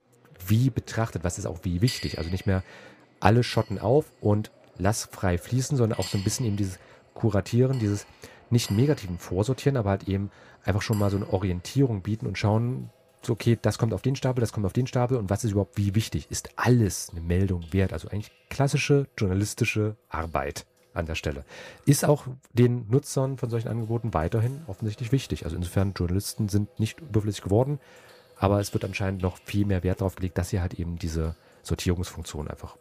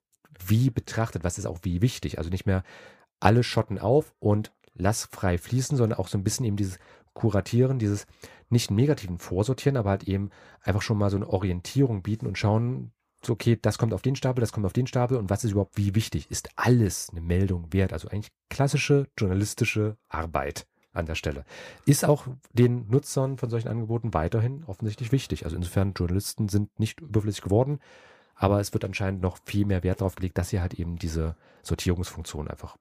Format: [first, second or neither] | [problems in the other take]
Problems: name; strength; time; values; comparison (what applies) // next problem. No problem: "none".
second | household noises; faint; throughout; 20 dB below the speech